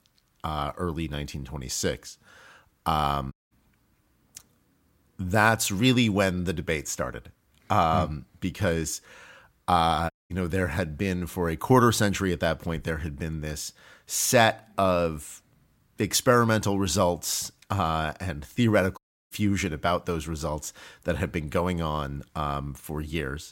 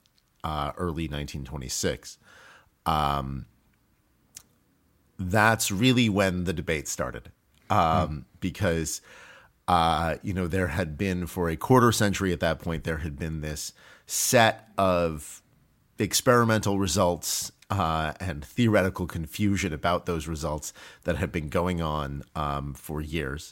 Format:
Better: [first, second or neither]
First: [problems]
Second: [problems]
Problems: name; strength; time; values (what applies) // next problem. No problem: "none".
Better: second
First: audio cutting out; at 3.5 s, at 10 s and at 19 s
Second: none